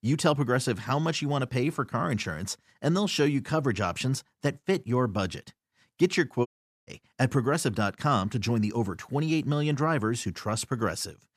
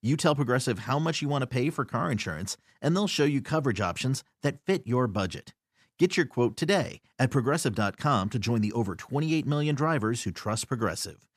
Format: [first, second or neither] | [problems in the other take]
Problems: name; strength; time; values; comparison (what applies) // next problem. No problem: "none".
second | audio cutting out; at 6.5 s